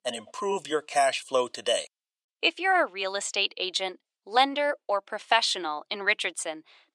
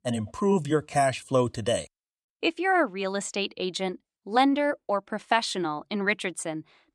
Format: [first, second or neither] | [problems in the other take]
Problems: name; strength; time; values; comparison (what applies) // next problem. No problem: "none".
second | thin; somewhat; fading below 550 Hz